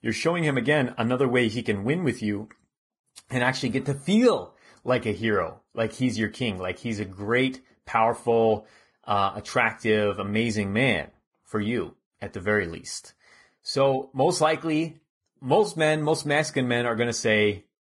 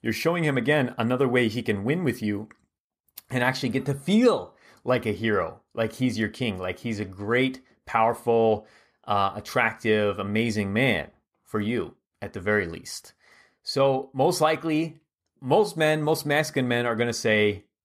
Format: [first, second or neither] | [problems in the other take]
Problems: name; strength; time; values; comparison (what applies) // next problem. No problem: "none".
second | garbled, watery; badly; nothing above 10.5 kHz